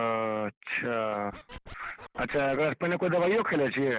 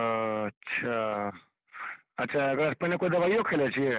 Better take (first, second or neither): second